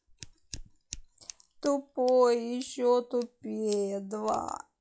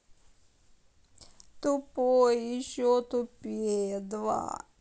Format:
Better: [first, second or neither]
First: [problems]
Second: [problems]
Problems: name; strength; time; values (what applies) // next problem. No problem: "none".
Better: second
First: noise reduction (classical method log-MMSE)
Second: none